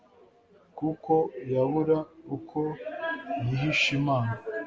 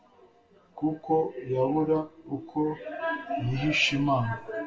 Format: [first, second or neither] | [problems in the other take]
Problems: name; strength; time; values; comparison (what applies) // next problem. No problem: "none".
first | room echo; dies away in 0.2 s